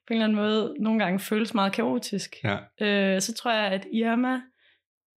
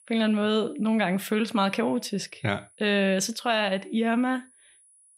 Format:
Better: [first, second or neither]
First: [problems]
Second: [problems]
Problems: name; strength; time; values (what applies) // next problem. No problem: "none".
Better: first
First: none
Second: high-pitched whine; faint; throughout; 10 kHz, 30 dB below the speech